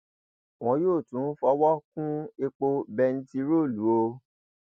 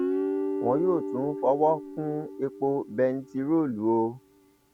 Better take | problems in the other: first | background sound (Guitar); 6 dB below the speech

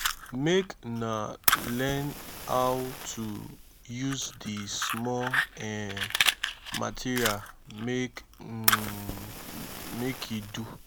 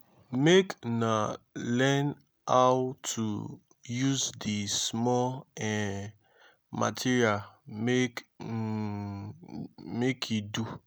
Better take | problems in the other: second | background sound (Fire); 1 dB below the speech

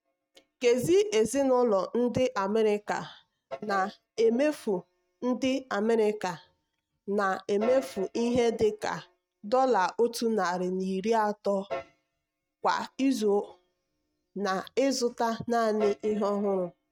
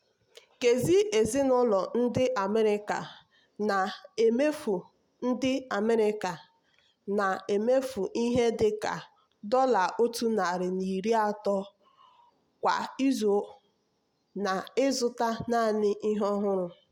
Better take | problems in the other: second | noise reduction (neural mask model RNNoise)

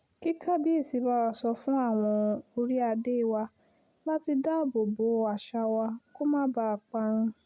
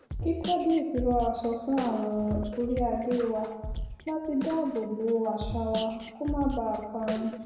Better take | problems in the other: first | background sound (Drum kit); 9 dB below the speech // room echo; dies away in 1 s

